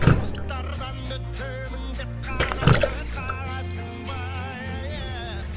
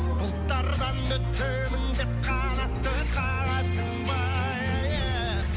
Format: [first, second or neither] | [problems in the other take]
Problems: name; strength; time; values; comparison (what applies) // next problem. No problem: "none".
second | background sound (Drip); 3 dB above the speech